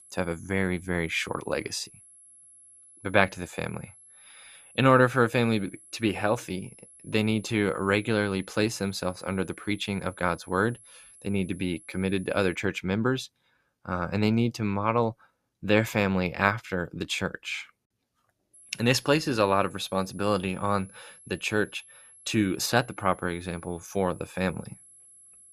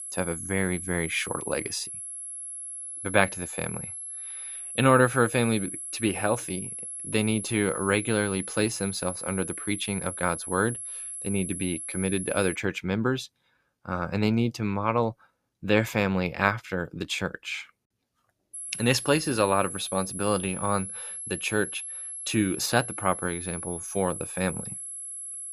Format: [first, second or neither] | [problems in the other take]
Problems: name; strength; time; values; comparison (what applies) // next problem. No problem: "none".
first | high-pitched whine; loud; until 13 s and from 19 s on; 11 kHz, 7 dB below the speech; faint in the first